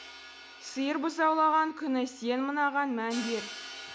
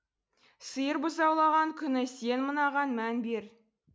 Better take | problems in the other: second | background sound (Crash cymbal); 16 dB below the speech

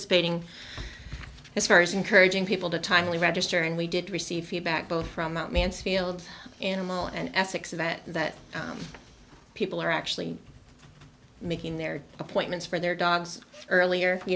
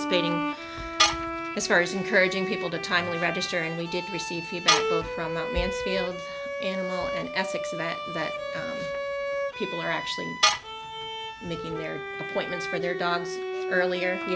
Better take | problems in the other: first | background sound (Bowed string instrument + Tools); as loud as the speech

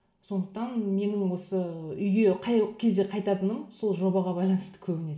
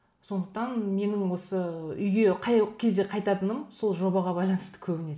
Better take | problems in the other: second | room echo; dies away in 0.5 s

